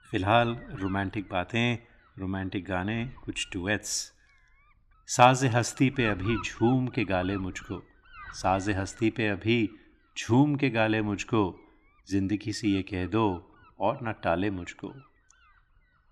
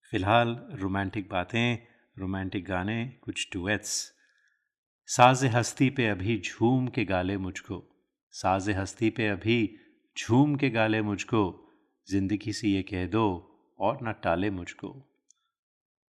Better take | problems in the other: second | wind noise on the microphone; occasional gusts; 20 dB below the speech

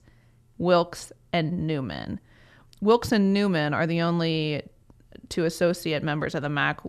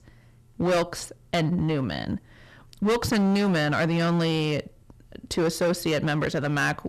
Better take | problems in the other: first | distortion; heavy; 13% of the sound clipped

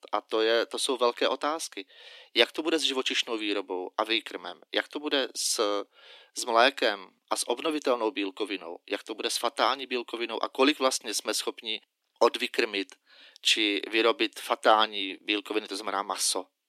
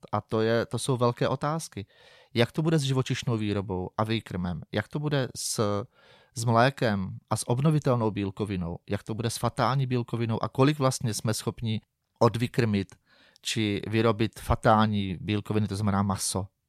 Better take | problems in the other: second | thin; somewhat; fading below 300 Hz

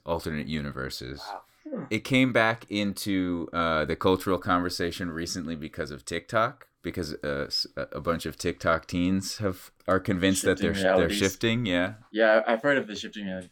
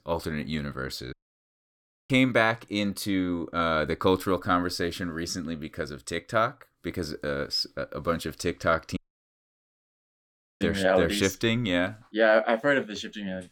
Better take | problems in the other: first | audio cutting out; at 1 s for 1 s and at 9 s for 1.5 s

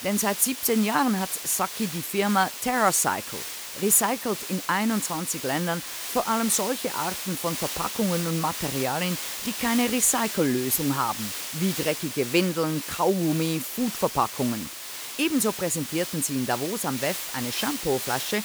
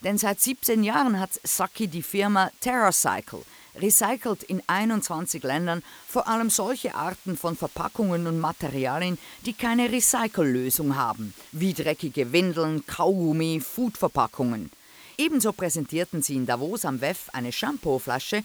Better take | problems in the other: second | hiss; loud; throughout; 6 dB below the speech; faint in the second

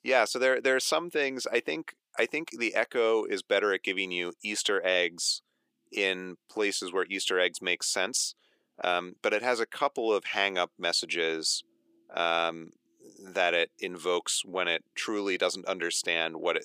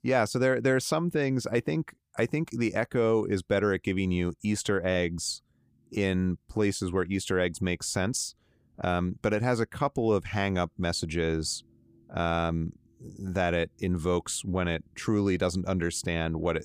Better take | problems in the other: second | thin; very; fading below 400 Hz

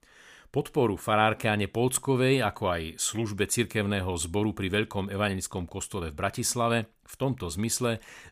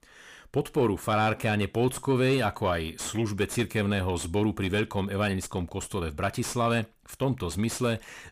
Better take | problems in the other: first | distortion; slight; 10 dB below the speech

